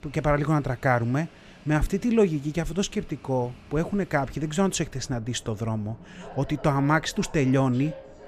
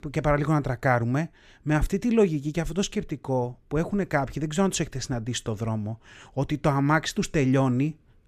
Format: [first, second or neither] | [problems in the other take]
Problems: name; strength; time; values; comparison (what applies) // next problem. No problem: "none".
second | train or aircraft noise; faint; throughout; 20 dB below the speech